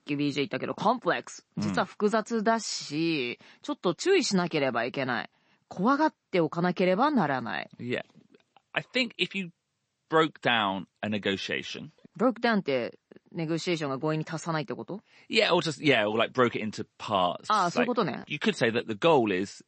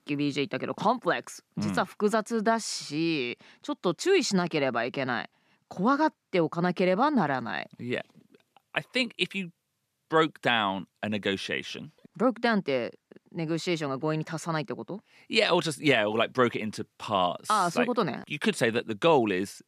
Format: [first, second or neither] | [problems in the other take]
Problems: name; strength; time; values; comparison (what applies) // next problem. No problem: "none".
second | garbled, watery; slightly; nothing above 8 kHz